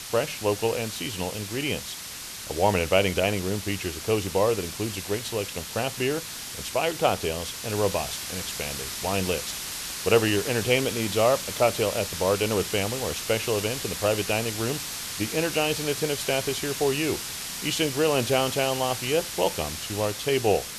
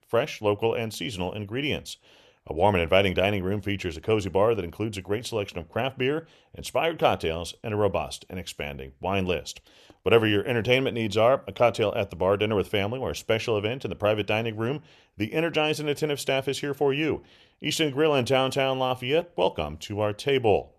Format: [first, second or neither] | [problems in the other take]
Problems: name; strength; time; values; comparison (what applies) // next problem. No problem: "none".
second | hiss; loud; throughout; 6 dB below the speech